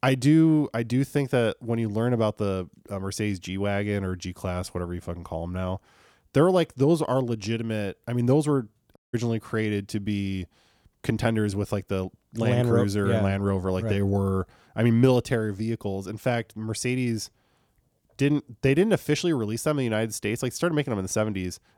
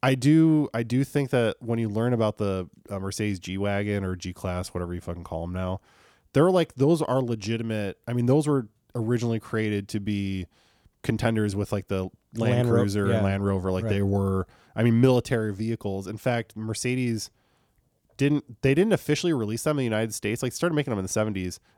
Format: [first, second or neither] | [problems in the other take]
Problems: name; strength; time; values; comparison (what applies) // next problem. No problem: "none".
second | audio cutting out; at 9 s